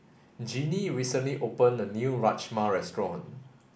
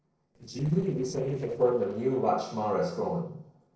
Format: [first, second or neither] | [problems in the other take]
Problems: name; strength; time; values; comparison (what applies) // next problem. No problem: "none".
first | noise reduction (neural separator model SepFormer DNS4)